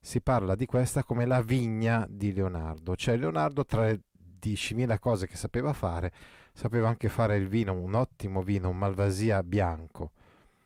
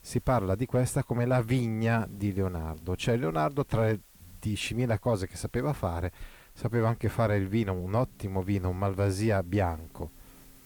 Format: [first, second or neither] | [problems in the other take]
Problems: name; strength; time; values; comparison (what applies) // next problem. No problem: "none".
first | hiss; faint; throughout; 25 dB below the speech